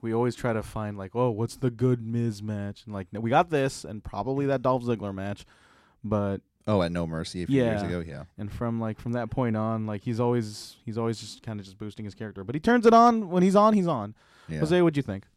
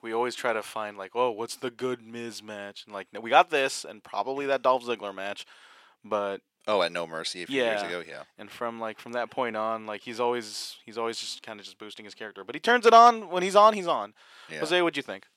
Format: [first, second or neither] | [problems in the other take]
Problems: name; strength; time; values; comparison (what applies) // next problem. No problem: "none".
first | thin; very; fading below 550 Hz